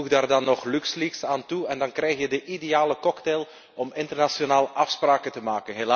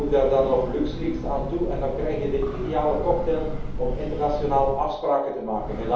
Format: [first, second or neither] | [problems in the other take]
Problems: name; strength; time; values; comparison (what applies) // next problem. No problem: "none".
first | background sound (Train / Breathing); 6 dB below the speech // room echo; dies away in 0.7 s